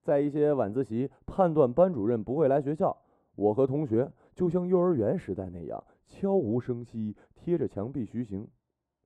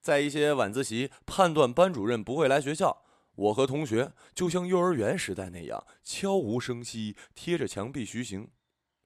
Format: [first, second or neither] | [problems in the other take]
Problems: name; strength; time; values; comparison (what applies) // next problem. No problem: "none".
second | muffled; very; fading above 1.5 kHz